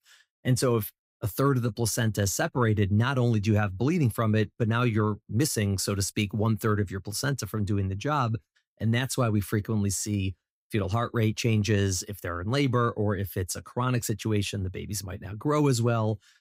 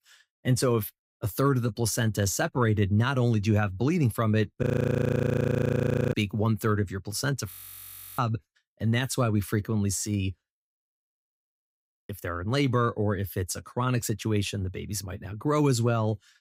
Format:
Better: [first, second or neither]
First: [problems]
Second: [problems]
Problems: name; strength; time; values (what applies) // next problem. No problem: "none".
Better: first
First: none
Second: audio freezing; at 4.5 s for 1.5 s, at 7.5 s for 0.5 s and at 11 s for 1.5 s